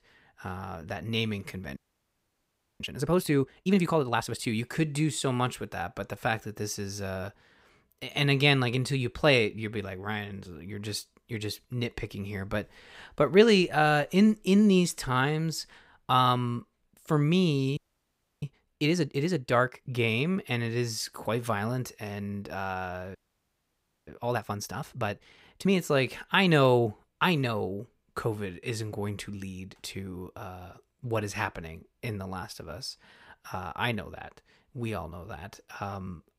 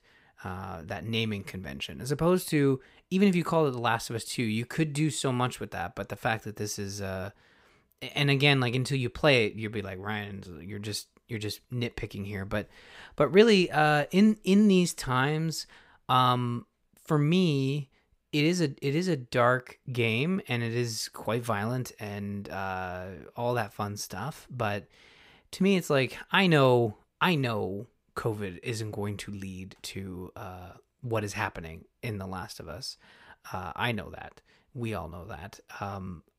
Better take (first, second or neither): second